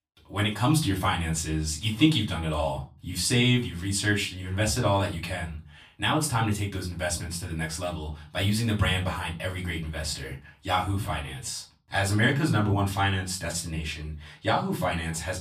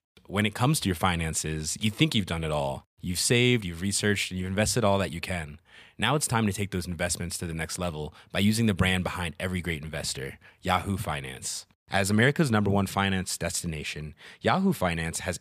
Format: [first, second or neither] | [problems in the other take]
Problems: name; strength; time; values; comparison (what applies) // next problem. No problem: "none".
second | off-mic speech; far // room echo; very slight; dies away in 0.3 s